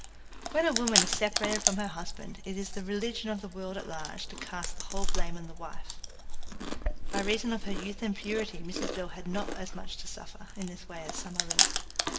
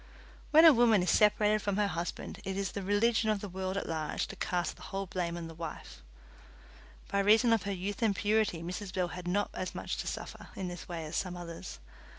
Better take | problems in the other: second | background sound (Chewing, mastication); 4 dB above the speech // room echo; dies away in 1.2 s

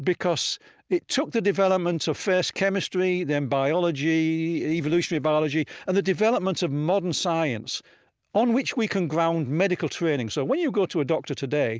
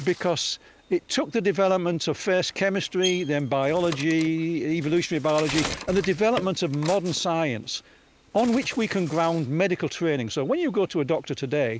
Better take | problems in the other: first | background sound (Bird); 15 dB below the speech

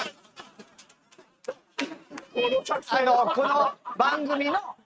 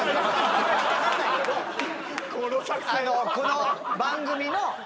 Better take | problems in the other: second | noise reduction (neural mask model RNNoise)

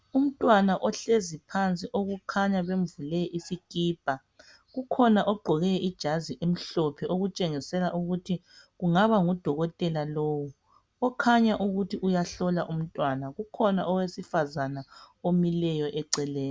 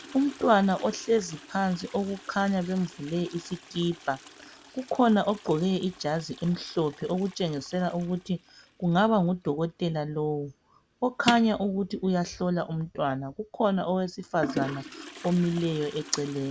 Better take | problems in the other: first | background sound (Toilet flush); 15 dB below the speech

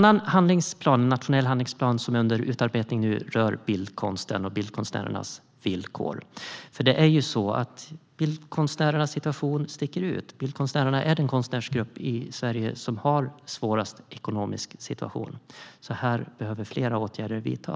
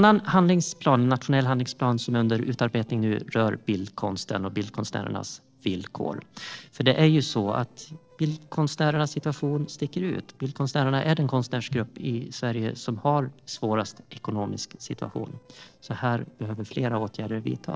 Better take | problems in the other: first | noise reduction (neural separator model SepFormer DNS4)

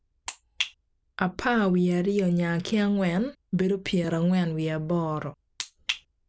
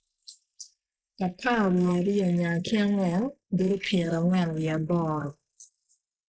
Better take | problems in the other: first | noise reduction (neural mask model Resemble Enhance denoiser)

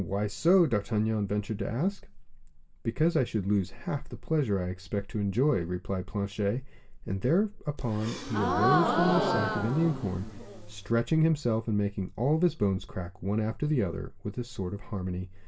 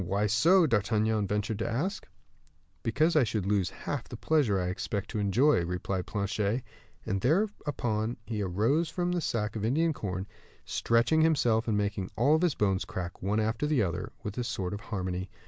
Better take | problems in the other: second | background sound (Gasp); 1 dB below the speech // room echo; dies away in 0.2 s

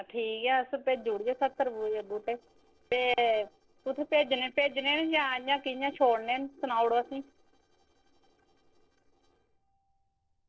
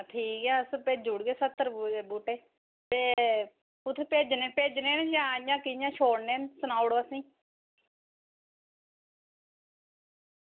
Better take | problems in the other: second | noise reduction (neural separator model SepFormer DNS4)

